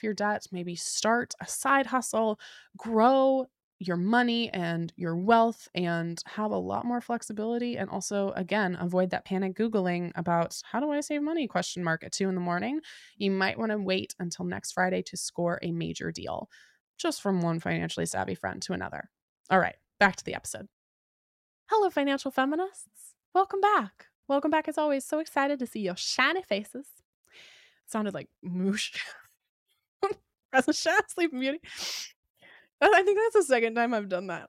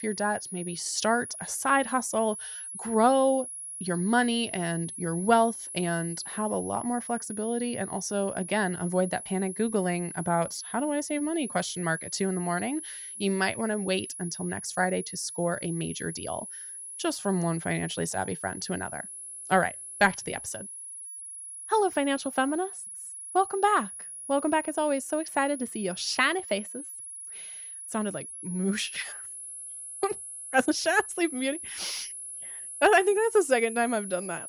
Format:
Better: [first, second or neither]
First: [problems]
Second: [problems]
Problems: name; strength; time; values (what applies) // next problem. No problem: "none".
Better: first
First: none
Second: high-pitched whine; loud; throughout; 10.5 kHz, 9 dB below the speech